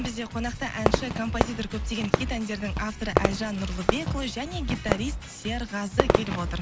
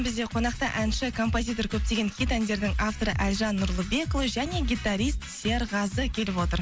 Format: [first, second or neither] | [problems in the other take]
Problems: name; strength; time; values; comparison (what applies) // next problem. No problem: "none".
second | background sound (Fireworks); 1 dB above the speech